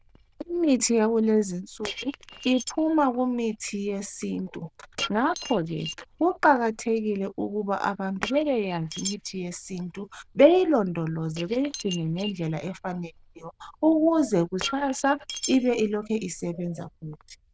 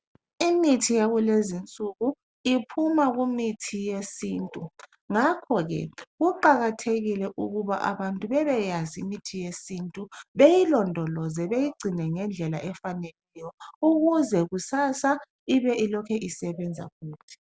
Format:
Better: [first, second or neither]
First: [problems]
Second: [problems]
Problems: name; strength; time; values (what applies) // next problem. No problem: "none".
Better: second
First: noise reduction (neural diffusion model UNIVERSE++)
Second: none